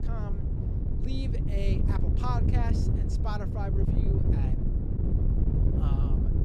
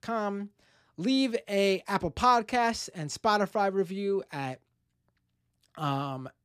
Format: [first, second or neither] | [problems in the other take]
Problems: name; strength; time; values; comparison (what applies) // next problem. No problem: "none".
second | wind noise on the microphone; heavy; as loud as the speech